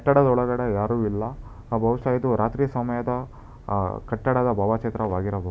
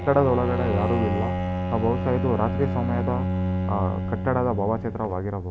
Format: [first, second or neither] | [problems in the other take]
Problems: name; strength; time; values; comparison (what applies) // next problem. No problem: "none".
first | background sound (Bowed string instrument); 1 dB below the speech